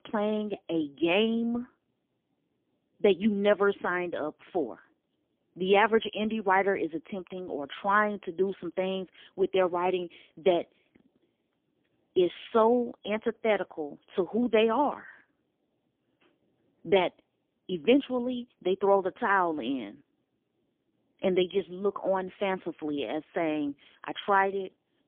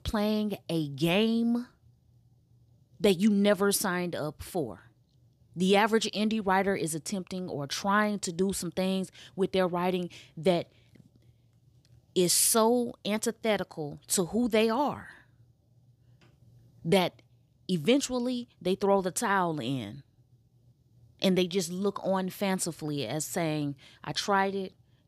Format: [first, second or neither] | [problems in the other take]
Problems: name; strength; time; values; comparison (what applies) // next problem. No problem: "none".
second | phone-call audio; poor line; nothing above 3.5 kHz